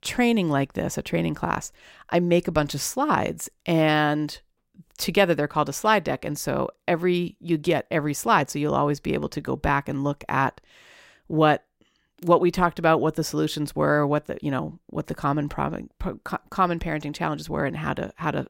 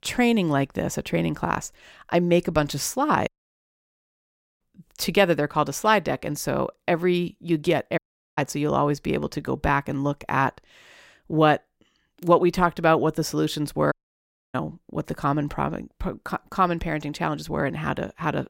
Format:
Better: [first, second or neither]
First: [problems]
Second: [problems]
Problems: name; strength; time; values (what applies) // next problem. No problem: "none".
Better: first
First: none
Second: audio cutting out; at 3.5 s for 1.5 s, at 8 s and at 14 s for 0.5 s